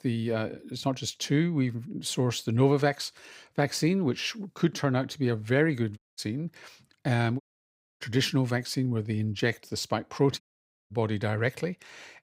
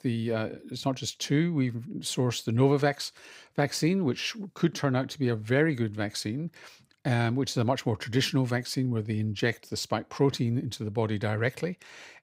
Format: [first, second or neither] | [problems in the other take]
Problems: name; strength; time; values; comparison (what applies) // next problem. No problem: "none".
second | audio cutting out; at 6 s, at 7.5 s for 0.5 s and at 10 s for 0.5 s